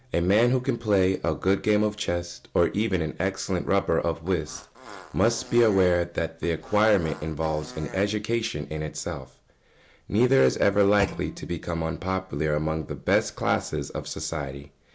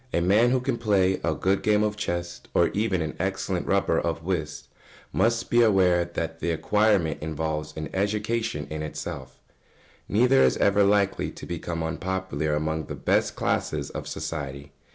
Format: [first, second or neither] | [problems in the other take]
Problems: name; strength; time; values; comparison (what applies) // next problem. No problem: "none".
second | background sound (Fart + Thump, thud); 18 dB below the speech